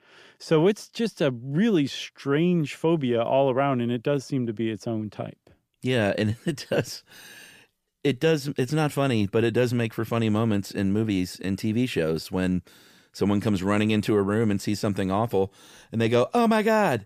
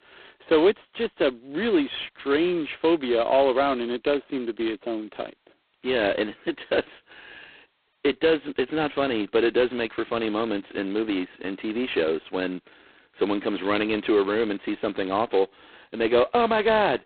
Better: first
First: none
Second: phone-call audio; poor line; nothing above 4 kHz

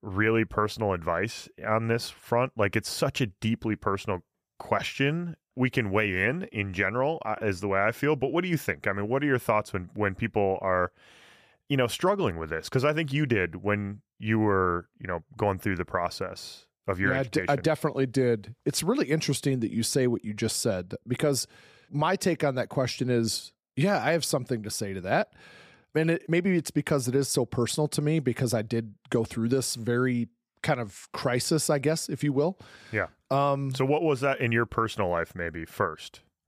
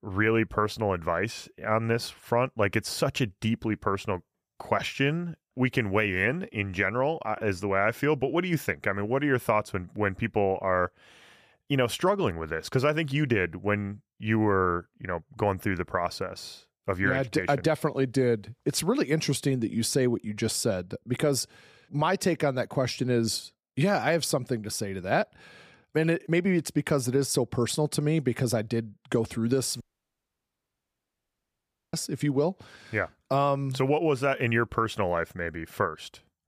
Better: first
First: none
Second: audio cutting out; at 30 s for 2 s

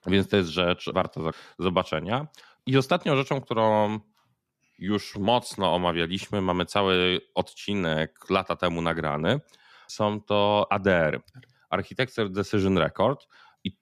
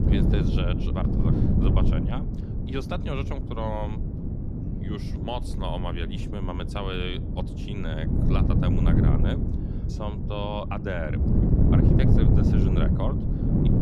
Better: first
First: none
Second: wind noise on the microphone; heavy; as loud as the speech

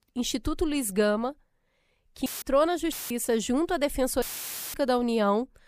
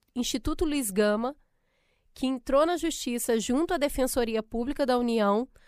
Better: second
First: audio cutting out; filled with static; at 2.5 s, at 3 s and at 4 s for 0.5 s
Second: none

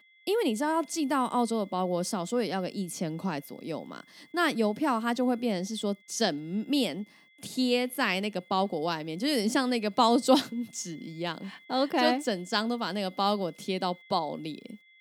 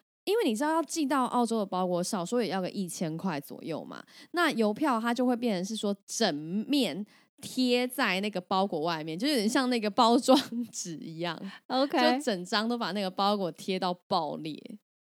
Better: second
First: high-pitched whine; faint; throughout; 2 kHz, 25 dB below the speech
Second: none

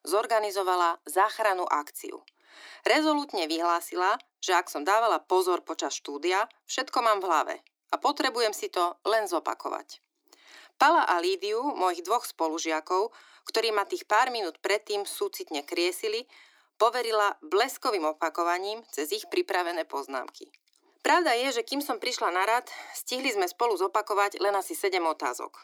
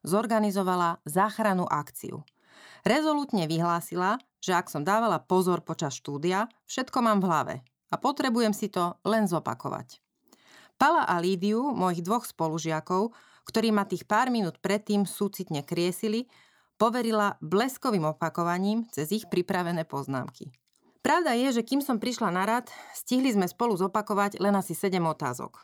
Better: second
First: thin; very; fading below 300 Hz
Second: none

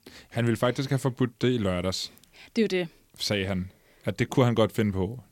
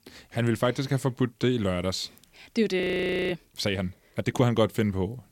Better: first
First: none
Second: audio freezing; at 3 s for 0.5 s

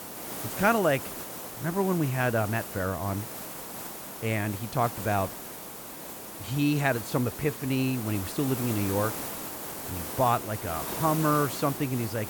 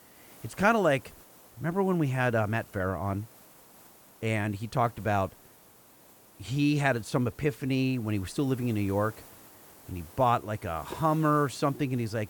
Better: second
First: hiss; loud; throughout; 7 dB below the speech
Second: hiss; faint; throughout; 20 dB below the speech

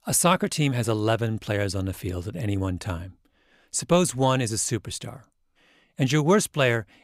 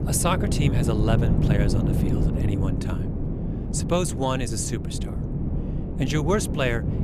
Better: first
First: none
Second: wind noise on the microphone; heavy; 5 dB below the speech

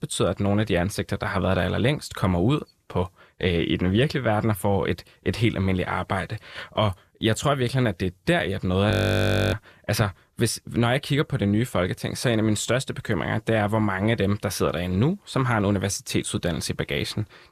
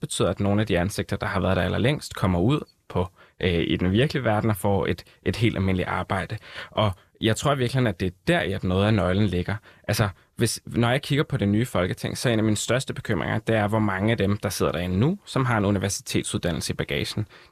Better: second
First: audio freezing; at 9 s for 0.5 s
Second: none

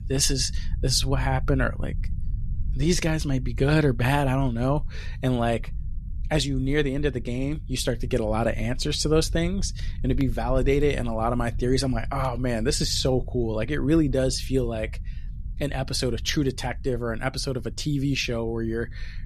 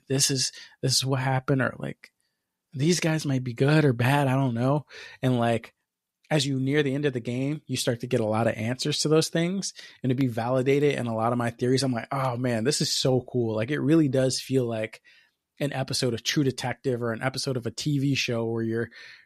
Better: second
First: low rumble; faint; throughout; 25 dB below the speech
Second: none

